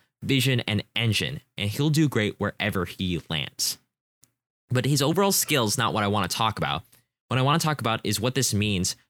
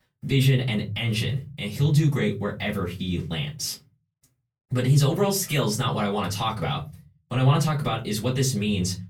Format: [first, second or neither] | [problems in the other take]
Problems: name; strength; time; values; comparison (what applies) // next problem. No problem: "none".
first | off-mic speech; far // room echo; very slight; dies away in 0.4 s